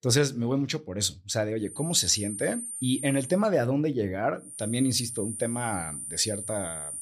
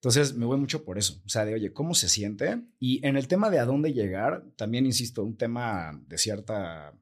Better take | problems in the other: second | high-pitched whine; loud; from 1.5 to 3.5 s and from 4.5 s on; 9 kHz, 7 dB below the speech

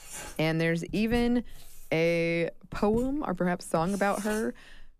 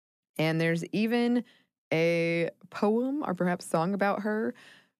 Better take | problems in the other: second | household noises; noticeable; throughout; 15 dB below the speech

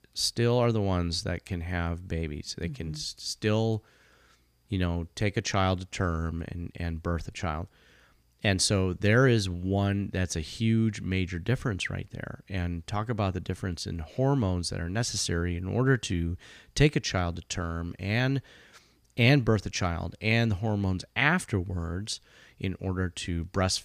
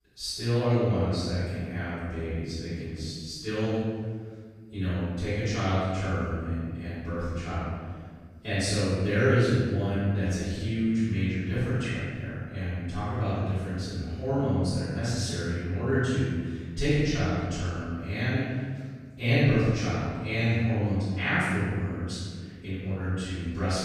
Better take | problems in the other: first | off-mic speech; far // room echo; strong; dies away in 1.6 s

